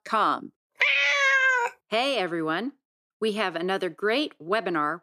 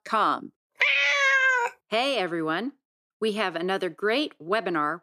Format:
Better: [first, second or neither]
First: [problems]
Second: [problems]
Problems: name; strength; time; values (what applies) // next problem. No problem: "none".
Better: neither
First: none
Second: none